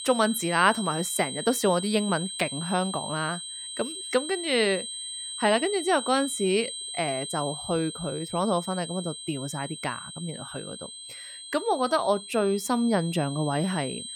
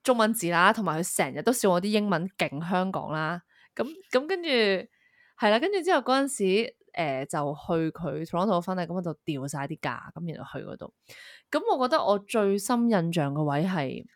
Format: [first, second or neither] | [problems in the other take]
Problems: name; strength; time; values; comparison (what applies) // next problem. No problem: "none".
second | high-pitched whine; loud; throughout; 4 kHz, 8 dB below the speech